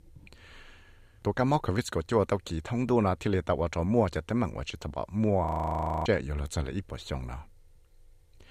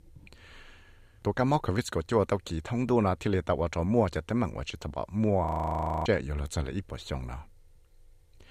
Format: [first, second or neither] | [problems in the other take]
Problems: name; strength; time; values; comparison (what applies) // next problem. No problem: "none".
neither | audio freezing; at 5.5 s for 0.5 s; the same in both